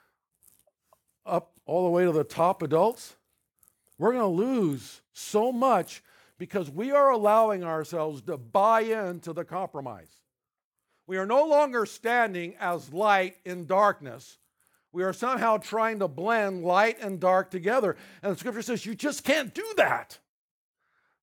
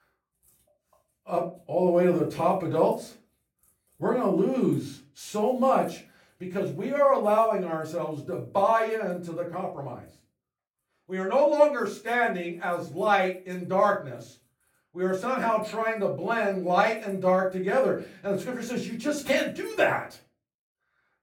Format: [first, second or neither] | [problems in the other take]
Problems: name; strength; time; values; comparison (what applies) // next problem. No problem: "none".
first | off-mic speech; far // room echo; slight; dies away in 0.3 s